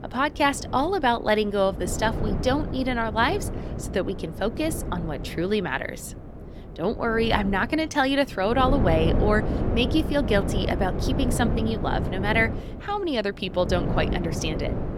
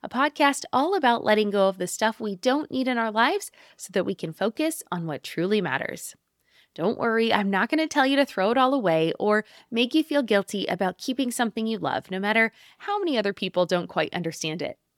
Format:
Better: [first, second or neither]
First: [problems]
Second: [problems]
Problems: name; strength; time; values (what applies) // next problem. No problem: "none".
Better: second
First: wind noise on the microphone; occasional gusts; 10 dB below the speech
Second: none